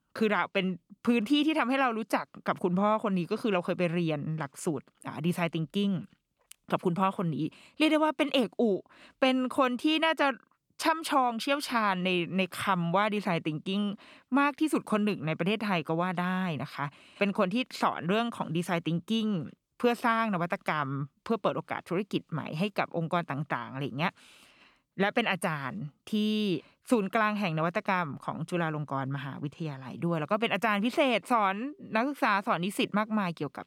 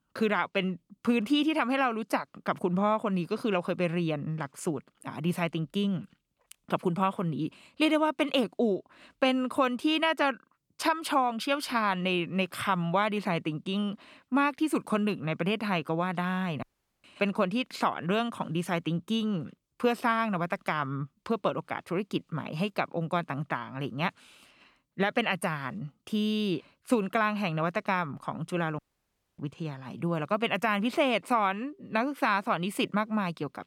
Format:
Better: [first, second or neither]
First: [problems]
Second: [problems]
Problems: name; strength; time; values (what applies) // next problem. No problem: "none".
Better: first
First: none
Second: audio cutting out; at 17 s and at 29 s for 0.5 s